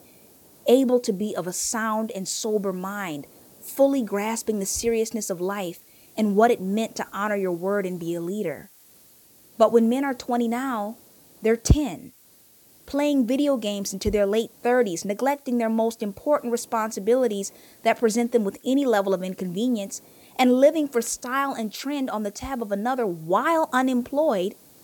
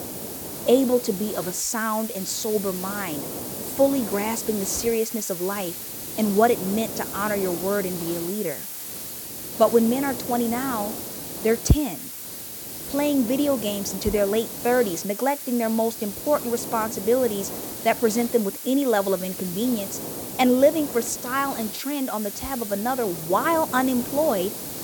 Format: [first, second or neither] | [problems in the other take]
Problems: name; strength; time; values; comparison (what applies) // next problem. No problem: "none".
first | hiss; loud; throughout; 7 dB below the speech; faint in the first